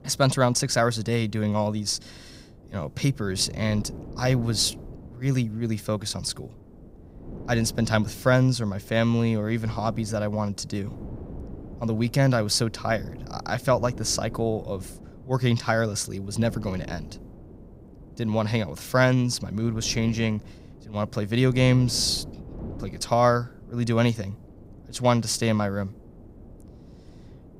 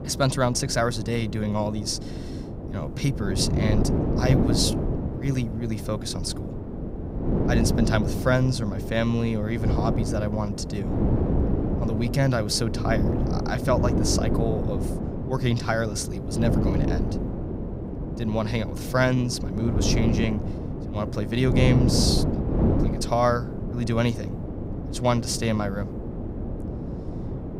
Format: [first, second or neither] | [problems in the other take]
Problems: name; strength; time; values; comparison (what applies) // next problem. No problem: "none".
first | wind noise on the microphone; heavy; 6 dB below the speech; occasional gusts in the first